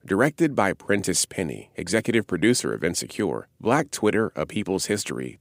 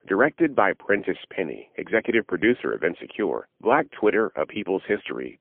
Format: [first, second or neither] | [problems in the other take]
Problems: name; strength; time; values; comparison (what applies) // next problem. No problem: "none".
first | phone-call audio; poor line; nothing above 3.5 kHz